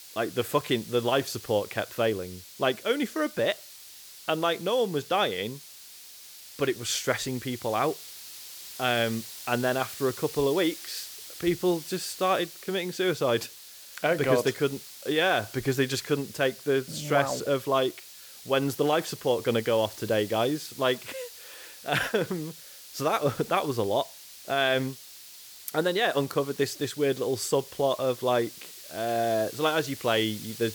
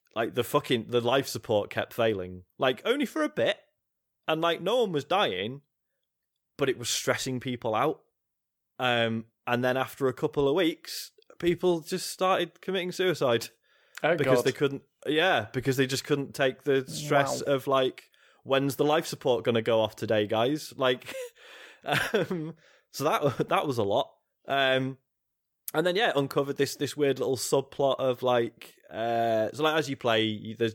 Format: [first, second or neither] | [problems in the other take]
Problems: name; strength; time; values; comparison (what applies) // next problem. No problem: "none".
second | hiss; noticeable; throughout; 15 dB below the speech